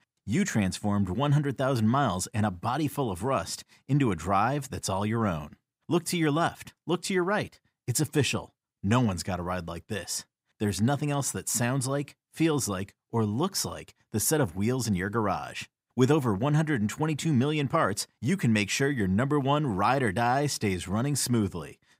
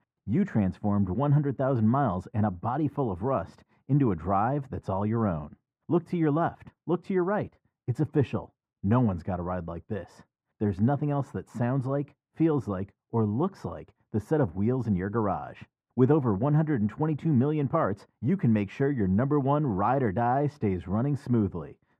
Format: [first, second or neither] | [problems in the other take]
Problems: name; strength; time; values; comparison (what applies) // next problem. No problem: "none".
first | muffled; very; fading above 2.5 kHz